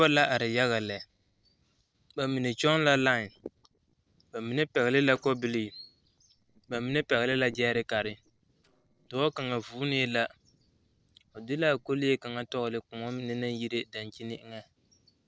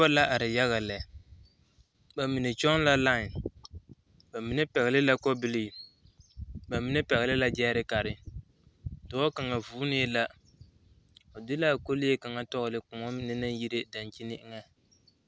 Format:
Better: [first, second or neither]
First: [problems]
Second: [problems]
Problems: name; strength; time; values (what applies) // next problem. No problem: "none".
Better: second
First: noise reduction (neural separator model SepFormer DNS4)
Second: none